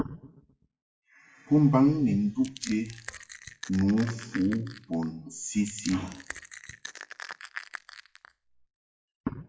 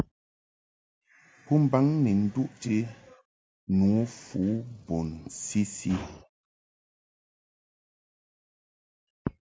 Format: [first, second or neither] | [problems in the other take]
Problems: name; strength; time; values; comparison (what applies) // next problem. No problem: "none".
second | noise reduction (classical method WPE with log-MMSE)